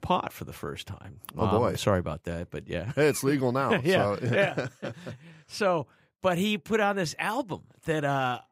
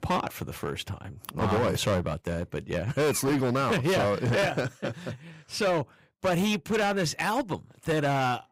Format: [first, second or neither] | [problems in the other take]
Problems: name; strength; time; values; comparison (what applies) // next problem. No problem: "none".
first | distortion; heavy; 13% of the sound clipped